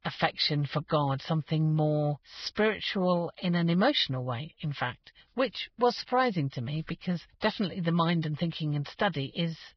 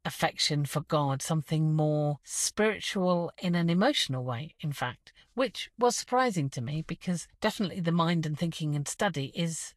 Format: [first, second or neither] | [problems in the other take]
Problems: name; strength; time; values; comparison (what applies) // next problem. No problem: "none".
second | garbled, watery; badly; nothing above 5.5 kHz; slightly in the second